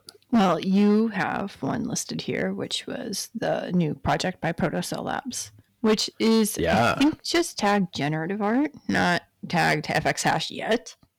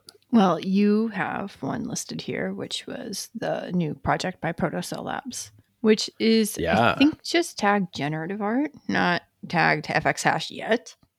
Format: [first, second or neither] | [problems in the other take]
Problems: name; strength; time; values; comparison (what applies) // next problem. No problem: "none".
second | distortion; slight; 6% of the sound clipped